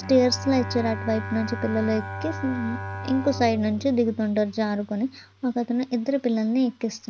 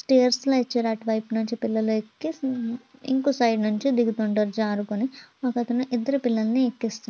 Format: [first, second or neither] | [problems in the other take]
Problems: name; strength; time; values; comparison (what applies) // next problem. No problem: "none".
second | background sound (Bowed string instrument); 11 dB below the speech